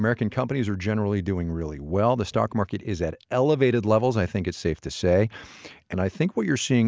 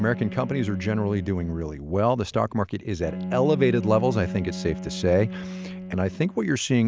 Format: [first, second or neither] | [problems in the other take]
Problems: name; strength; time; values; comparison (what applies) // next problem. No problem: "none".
first | background sound (Bowed string instrument); 9 dB below the speech